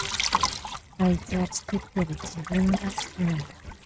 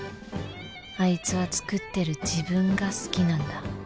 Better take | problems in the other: second | noise reduction (neural mask model RNNoise)

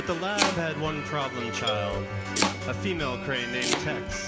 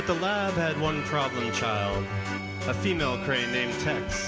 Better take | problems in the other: second | background sound (Marimba, xylophone + Domestic sounds, home sounds); 3 dB below the speech

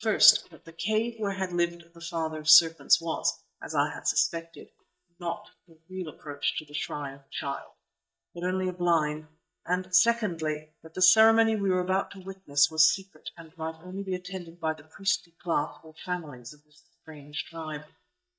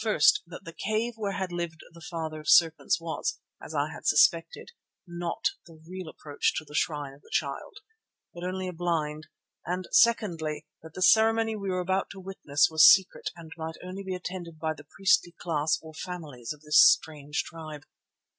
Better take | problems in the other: second | noise reduction (neural mask model DeepFilterNet 3)

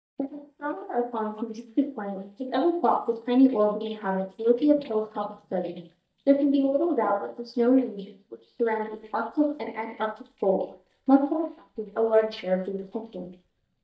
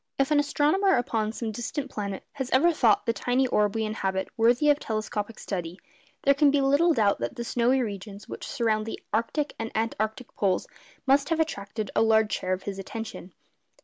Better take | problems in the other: second | noise reduction (neural mask model DeepFilterNet 3)

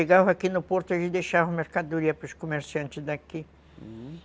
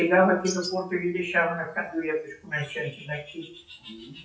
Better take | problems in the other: first | noise reduction (classical method WPE with log-MMSE)

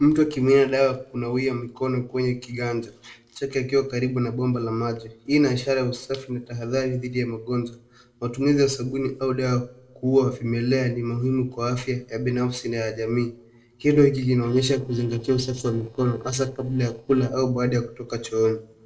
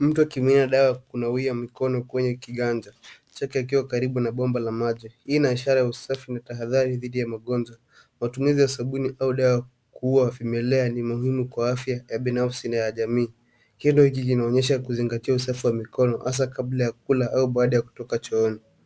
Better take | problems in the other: second | noise reduction (neural separator model SepFormer DNS4)

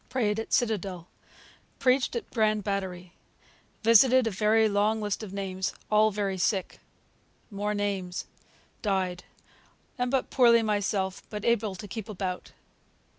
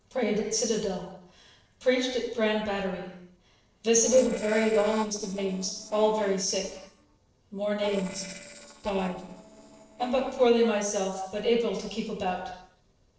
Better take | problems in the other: first | noise reduction (neural separator model SepFormer DNS4)

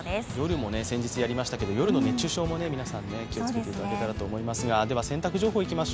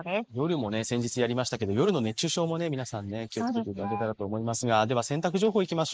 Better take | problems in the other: first | noise reduction (neural mask model Resemble Enhance denoiser)

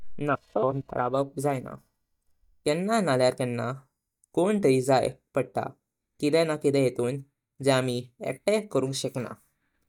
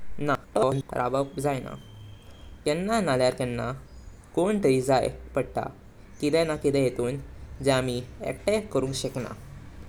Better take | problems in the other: second | noise reduction (neural mask model DeepFilterNet 3)

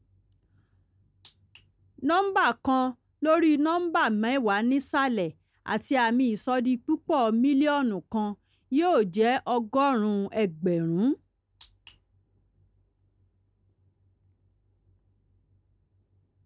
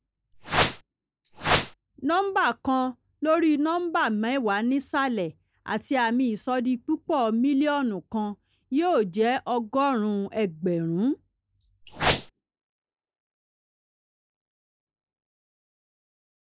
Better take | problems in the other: first | noise reduction (neural mask model Resemble Enhance denoiser)

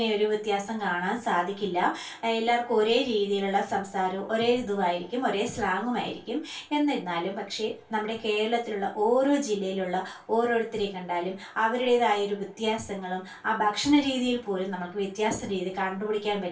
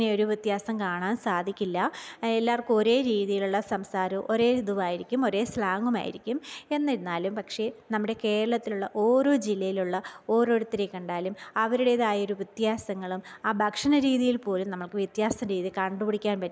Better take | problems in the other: second | room echo; dies away in 0.2 s

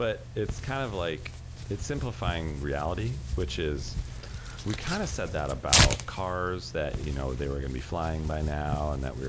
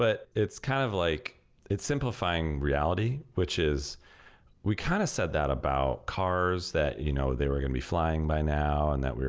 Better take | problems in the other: second | background sound (Tearing); 1 dB below the speech

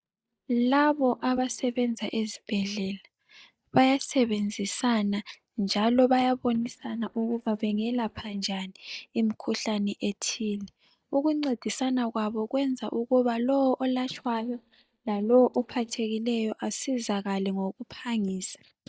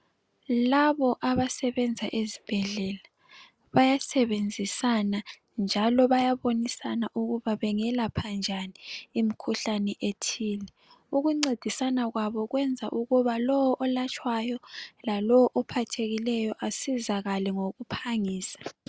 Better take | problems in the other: second | noise reduction (neural mask model DeepFilterNet 3)

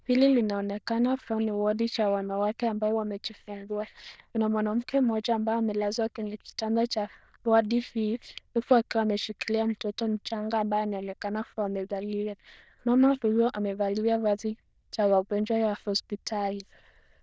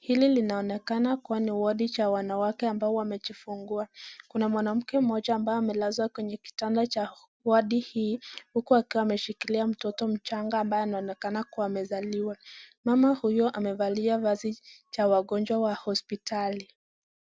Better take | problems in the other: second | noise reduction (neural diffusion model UNIVERSE++)

